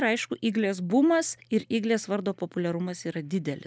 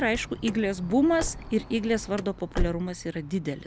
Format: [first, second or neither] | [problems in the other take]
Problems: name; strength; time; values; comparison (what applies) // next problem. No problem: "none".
first | background sound (Car); 8 dB below the speech